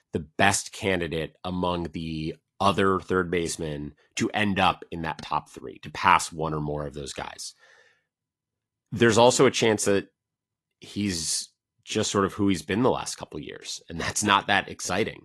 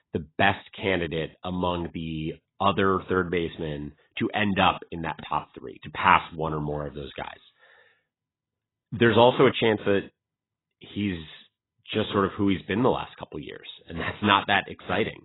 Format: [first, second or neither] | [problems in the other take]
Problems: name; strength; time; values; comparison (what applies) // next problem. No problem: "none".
first | garbled, watery; badly; nothing above 4 kHz; slightly in the first